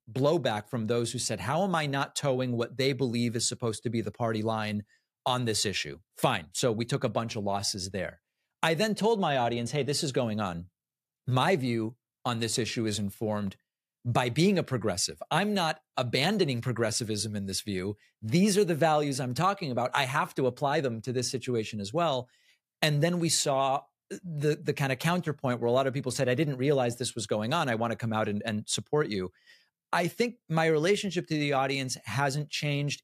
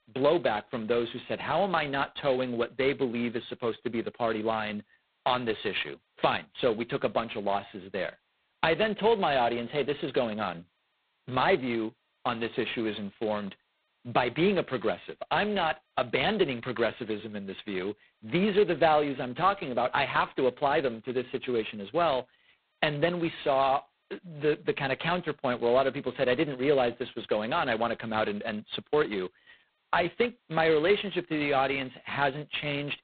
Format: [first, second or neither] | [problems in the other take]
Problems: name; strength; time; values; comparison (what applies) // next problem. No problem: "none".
first | phone-call audio; poor line; nothing above 4 kHz